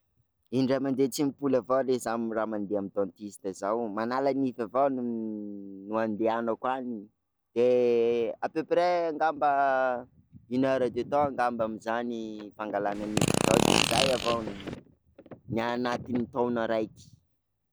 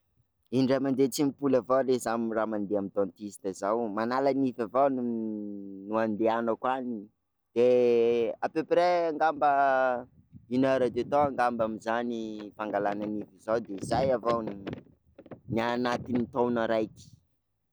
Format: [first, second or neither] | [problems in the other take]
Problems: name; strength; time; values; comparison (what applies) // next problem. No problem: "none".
second | background sound (Fart); 2 dB above the speech